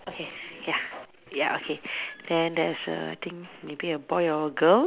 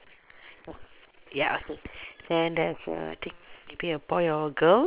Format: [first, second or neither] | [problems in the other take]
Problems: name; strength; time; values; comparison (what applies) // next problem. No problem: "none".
first | noise reduction (neural separator model SepFormer WHAM!)